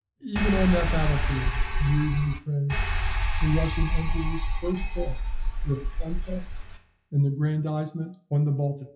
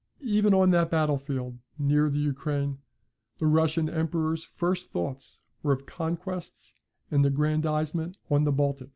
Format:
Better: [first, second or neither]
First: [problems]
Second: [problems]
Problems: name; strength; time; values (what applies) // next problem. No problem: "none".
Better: second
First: noise reduction (classical method WPE with log-MMSE)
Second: none